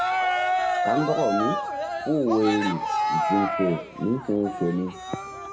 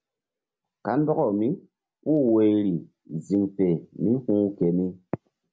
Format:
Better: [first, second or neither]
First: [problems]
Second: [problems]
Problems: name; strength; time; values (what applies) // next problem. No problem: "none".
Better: second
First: background sound (Cheering); as loud as the speech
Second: none